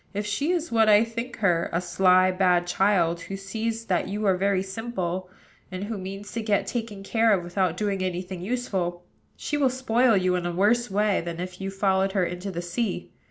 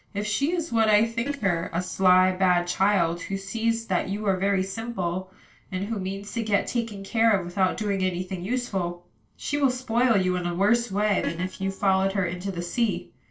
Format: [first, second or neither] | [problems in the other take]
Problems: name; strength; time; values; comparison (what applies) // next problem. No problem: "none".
first | noise reduction (neural separator model SepFormer DNS4)